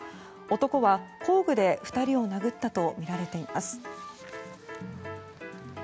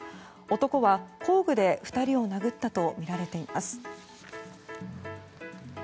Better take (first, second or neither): second